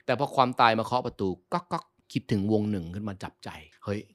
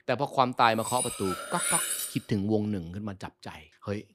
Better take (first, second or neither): first